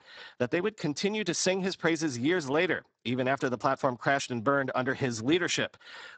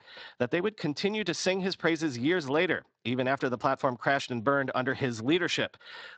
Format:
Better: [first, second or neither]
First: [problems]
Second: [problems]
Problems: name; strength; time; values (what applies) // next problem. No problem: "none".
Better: second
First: garbled, watery; badly; nothing above 8 kHz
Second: garbled, watery; slightly; nothing above 8 kHz